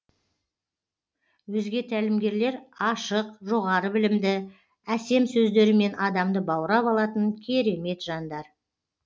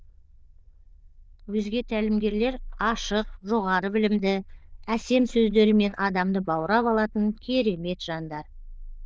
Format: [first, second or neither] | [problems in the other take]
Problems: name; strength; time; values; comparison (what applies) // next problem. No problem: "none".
first | noise reduction (neural diffusion model UNIVERSE++)